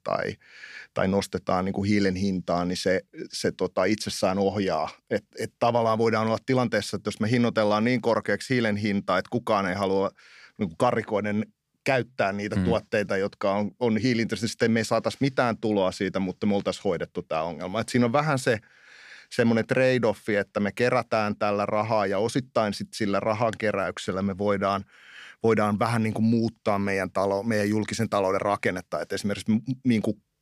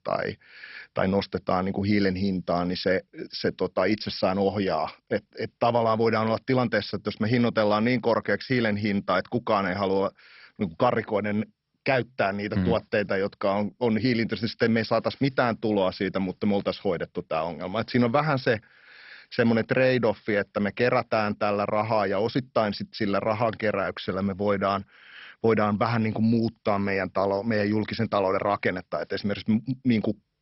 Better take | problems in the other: first | garbled, watery; badly; nothing above 5.5 kHz

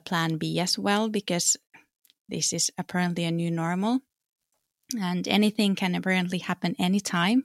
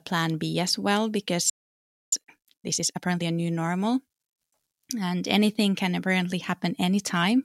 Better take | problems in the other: first | audio freezing; at 1.5 s for 0.5 s

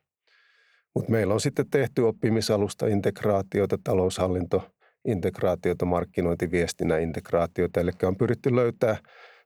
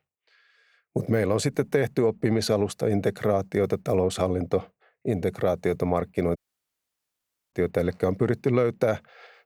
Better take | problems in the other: first | audio cutting out; at 6.5 s for 1 s

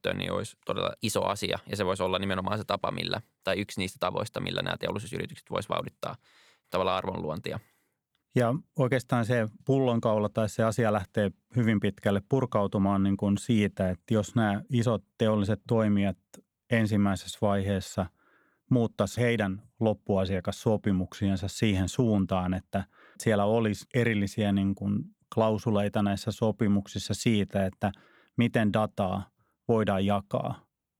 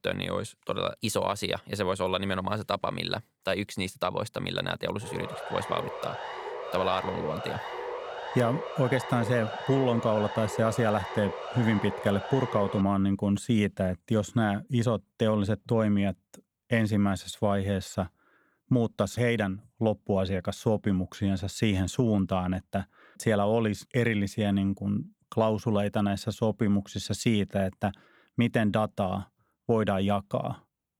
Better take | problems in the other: first | siren; noticeable; from 5 to 13 s; peak 7 dB below the speech

